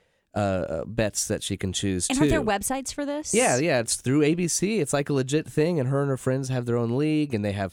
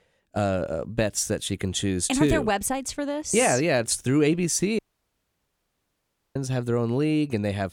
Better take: first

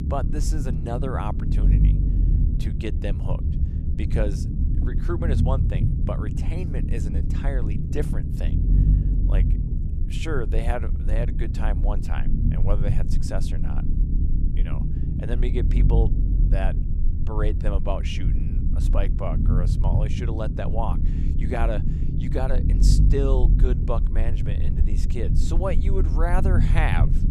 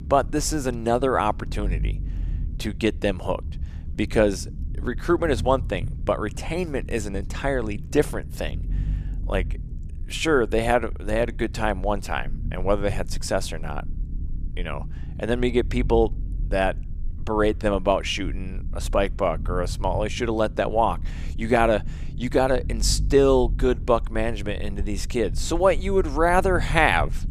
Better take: second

